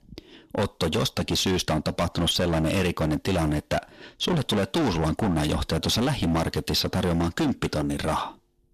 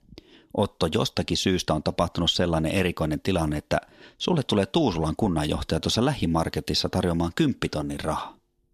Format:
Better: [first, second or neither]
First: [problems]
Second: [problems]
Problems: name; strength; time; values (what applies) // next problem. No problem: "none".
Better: second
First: distortion; heavy; 19% of the sound clipped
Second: none